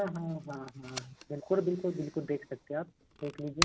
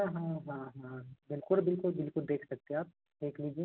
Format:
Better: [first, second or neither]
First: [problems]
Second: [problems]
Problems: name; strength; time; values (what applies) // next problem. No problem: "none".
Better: second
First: background sound (Packing tape, duct tape); 5 dB below the speech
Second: none